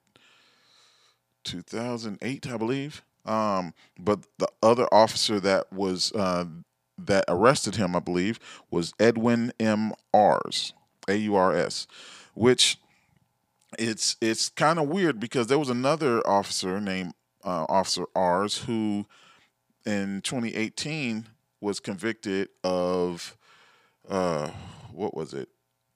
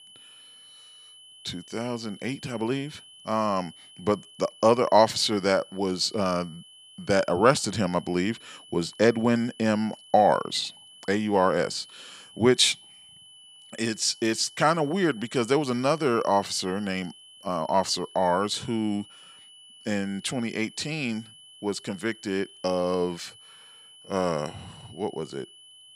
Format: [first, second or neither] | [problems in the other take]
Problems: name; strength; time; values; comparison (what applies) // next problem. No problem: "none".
first | high-pitched whine; faint; throughout; 3 kHz, 20 dB below the speech